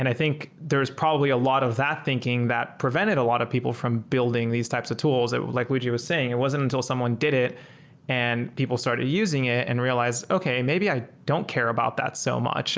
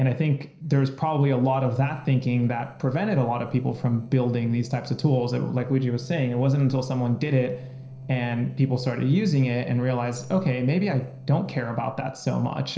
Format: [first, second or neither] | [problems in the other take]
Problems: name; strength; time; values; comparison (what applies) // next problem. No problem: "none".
first | noise reduction (neural separator model SepFormer DNS4)